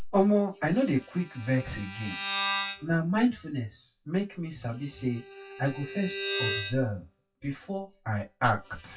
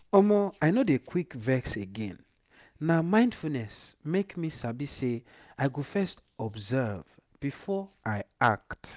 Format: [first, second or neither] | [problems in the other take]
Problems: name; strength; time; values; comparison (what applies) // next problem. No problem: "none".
second | noise reduction (classical method WPE with log-MMSE)